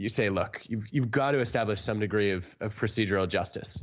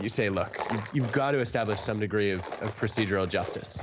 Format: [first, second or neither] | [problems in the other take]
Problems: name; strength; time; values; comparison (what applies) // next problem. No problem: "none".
first | background sound (Tools); 11 dB below the speech